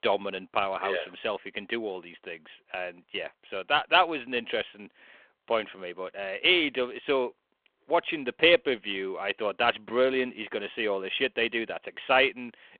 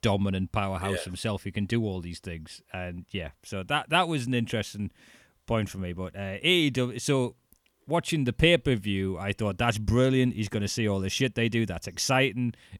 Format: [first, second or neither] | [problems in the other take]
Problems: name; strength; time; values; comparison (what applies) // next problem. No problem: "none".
second | phone-call audio